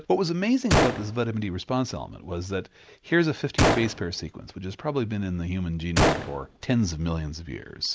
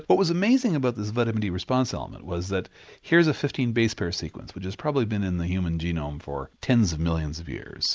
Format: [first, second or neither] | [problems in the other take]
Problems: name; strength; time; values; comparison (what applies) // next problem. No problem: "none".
second | background sound (Gunshot, gunfire); 1 dB below the speech